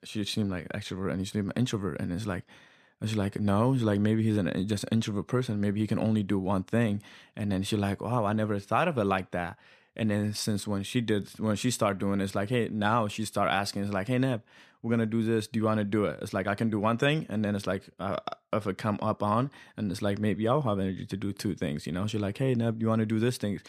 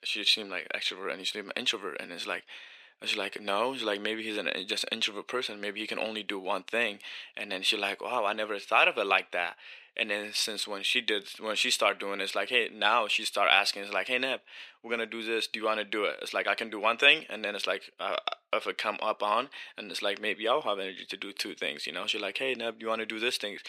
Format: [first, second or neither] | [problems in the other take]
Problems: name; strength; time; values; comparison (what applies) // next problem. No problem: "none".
first | thin; very; fading below 400 Hz